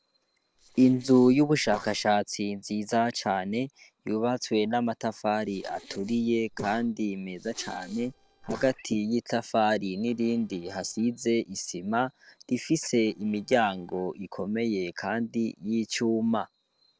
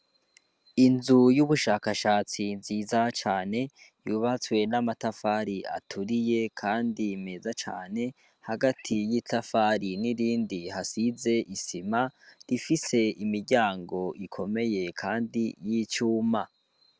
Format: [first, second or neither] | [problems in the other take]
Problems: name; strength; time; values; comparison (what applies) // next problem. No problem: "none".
second | noise reduction (neural separator model SepFormer DNS4)